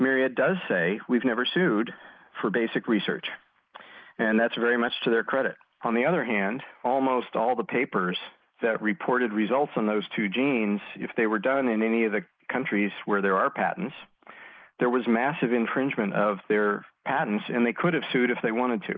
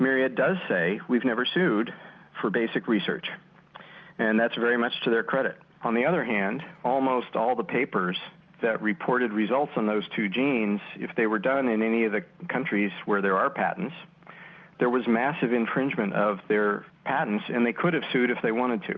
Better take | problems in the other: second | noise reduction (neural mask model Resemble Enhance denoiser)

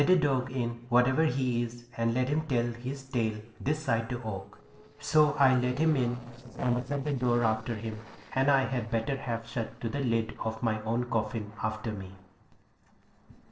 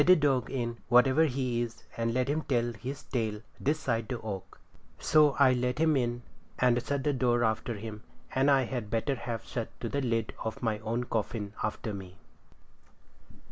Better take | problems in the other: second | noise reduction (neural separator model SepFormer DNS4)

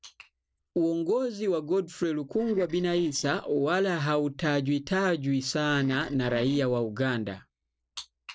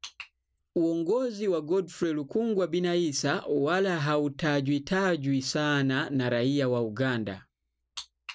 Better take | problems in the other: second | noise reduction (neural separator model SepFormer DNS4)

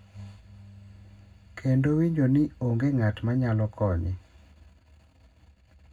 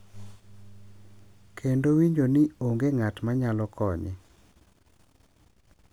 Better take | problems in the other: second | room echo; dies away in 0.3 s

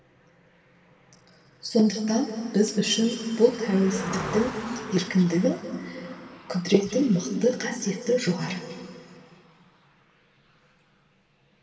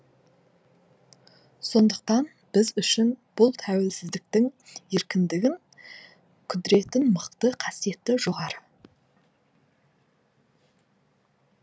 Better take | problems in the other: second | background sound (Car passing by); 17 dB below the speech // room echo; dies away in 2.5 s

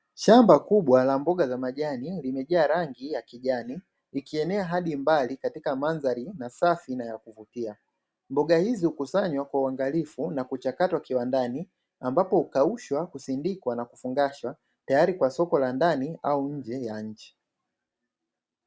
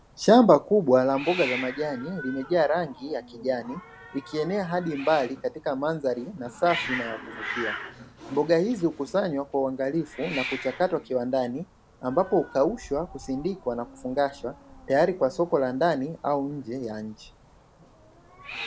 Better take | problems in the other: first | background sound (Hiss); 14 dB below the speech

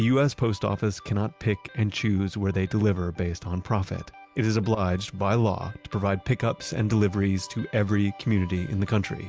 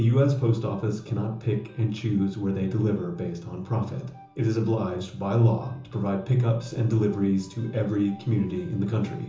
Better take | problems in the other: first | room echo; dies away in 0.6 s

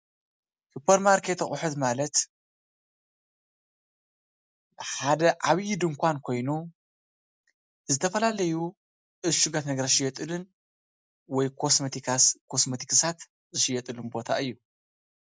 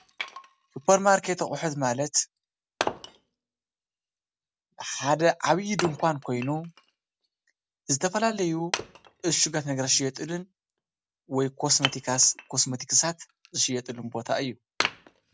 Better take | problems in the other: first | background sound (Wood); 11 dB below the speech

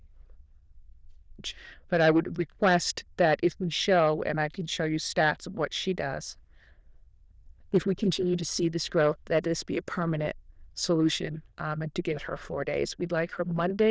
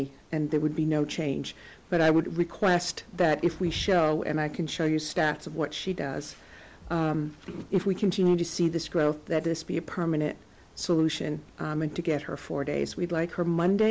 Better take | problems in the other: second | noise reduction (neural diffusion model UNIVERSE++)

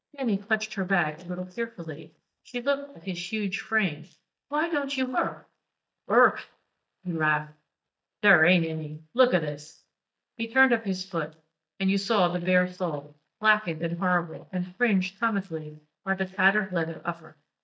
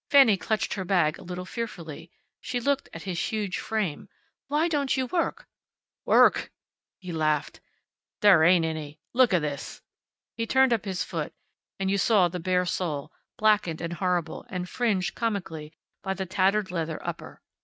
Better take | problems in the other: second | noise reduction (neural mask model DeepFilterNet 3)

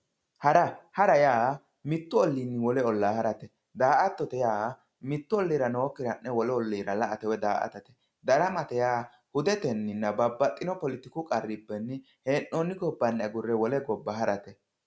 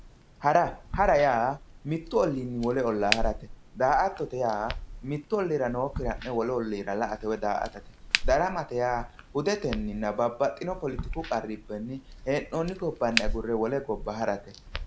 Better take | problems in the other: first | background sound (Crack); 8 dB below the speech

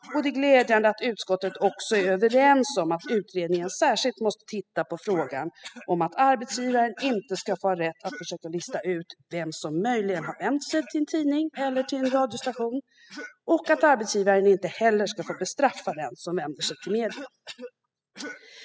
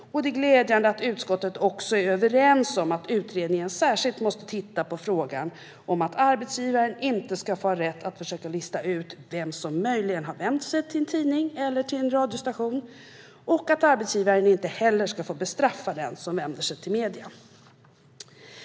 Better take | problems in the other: second | noise reduction (classical method spectral subtraction)

